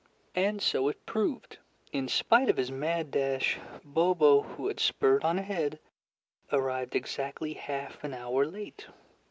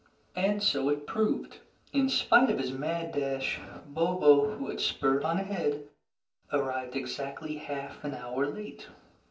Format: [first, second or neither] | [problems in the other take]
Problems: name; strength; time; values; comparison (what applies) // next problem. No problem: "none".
first | room echo; dies away in 0.3 s